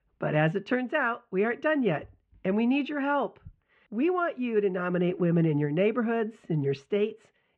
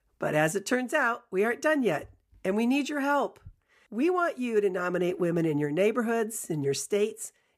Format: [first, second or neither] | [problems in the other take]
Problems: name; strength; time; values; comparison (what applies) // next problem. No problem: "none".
second | muffled; very; fading above 3 kHz